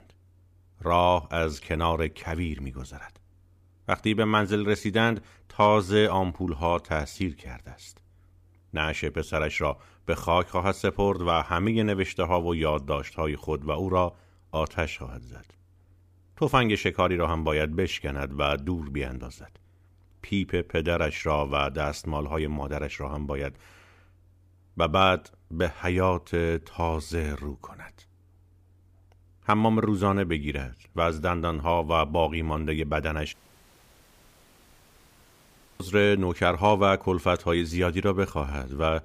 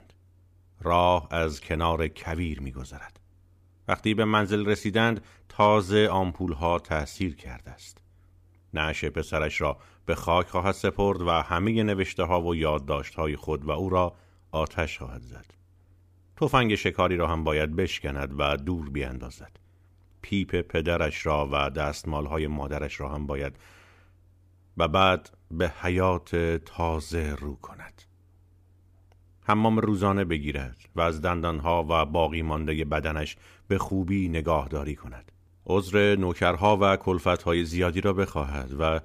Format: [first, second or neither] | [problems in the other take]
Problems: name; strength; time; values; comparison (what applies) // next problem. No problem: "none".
second | audio cutting out; at 33 s for 2.5 s